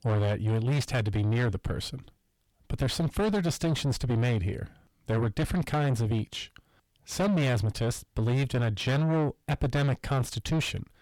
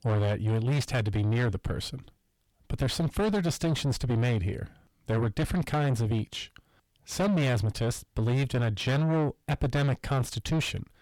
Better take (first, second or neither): neither